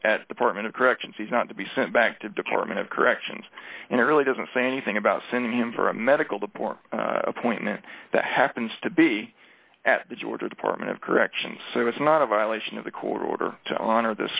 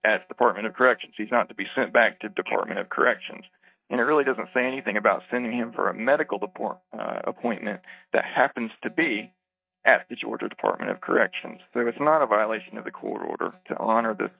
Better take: first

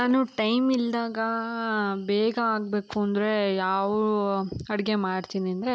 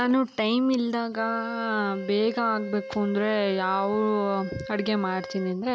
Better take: first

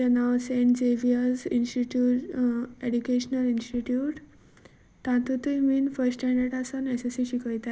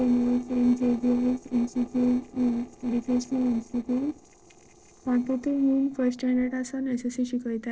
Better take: first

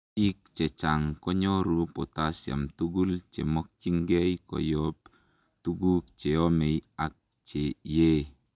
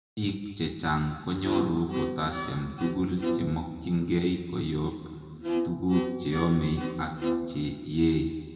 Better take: first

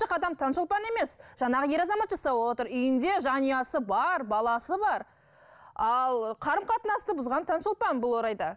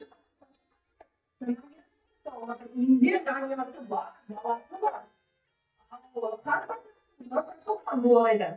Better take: first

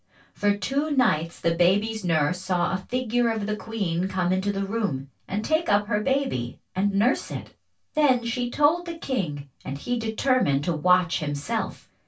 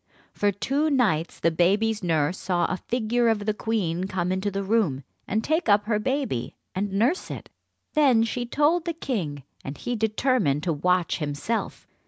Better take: second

